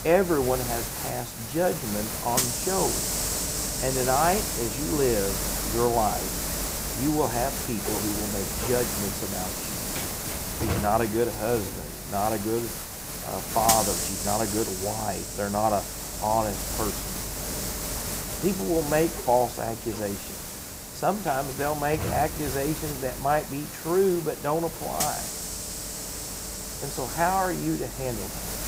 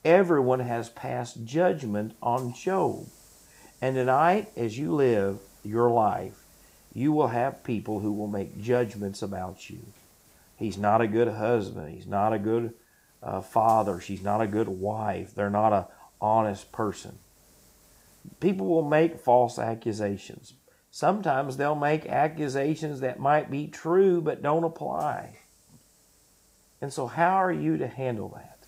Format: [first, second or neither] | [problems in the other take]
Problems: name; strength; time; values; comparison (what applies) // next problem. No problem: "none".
second | hiss; loud; throughout; 2 dB below the speech; faint in the second